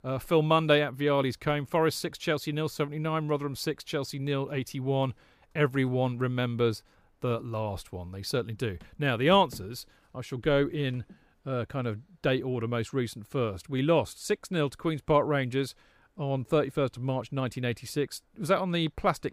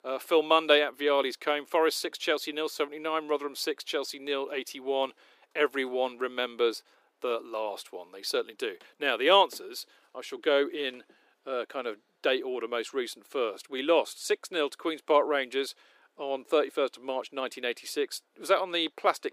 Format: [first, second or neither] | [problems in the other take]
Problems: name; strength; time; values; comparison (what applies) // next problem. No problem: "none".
first | thin; somewhat; fading below 350 Hz